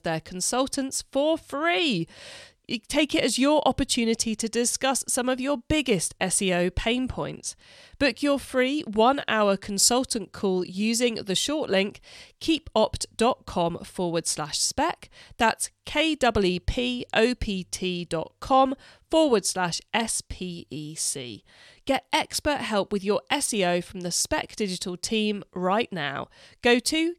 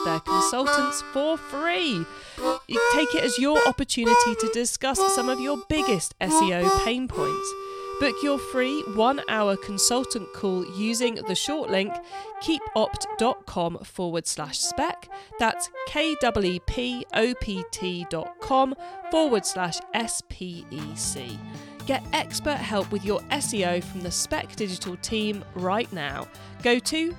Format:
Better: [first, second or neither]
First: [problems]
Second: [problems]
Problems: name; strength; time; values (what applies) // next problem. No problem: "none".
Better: first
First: none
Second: background music; loud; throughout; 3 dB below the speech